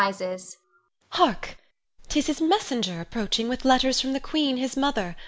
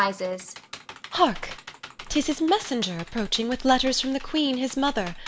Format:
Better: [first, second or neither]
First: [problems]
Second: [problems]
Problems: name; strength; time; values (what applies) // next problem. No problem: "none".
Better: first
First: none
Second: background sound (Computer keyboard); 18 dB below the speech